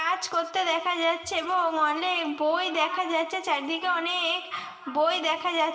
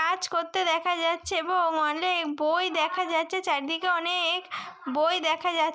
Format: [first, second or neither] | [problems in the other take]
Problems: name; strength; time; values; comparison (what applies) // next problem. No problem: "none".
second | room echo; dies away in 1.6 s